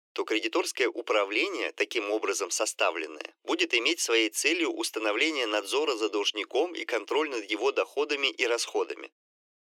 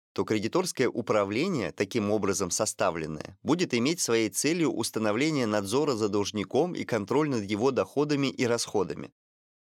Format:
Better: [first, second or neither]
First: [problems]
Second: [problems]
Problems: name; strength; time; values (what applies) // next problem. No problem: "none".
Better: second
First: thin; very; fading below 300 Hz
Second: none